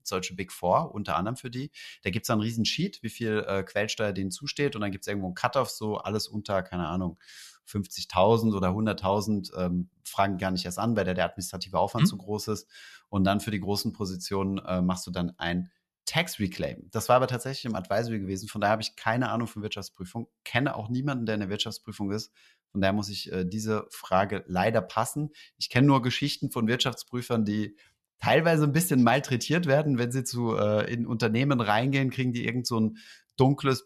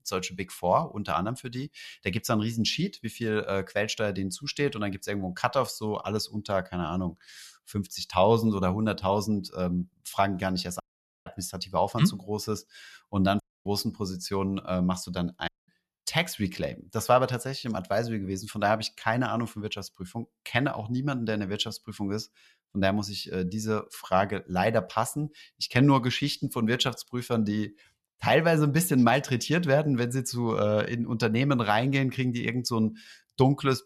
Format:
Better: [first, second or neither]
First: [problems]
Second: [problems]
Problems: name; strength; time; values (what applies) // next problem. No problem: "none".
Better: first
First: none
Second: audio cutting out; at 11 s, at 13 s and at 15 s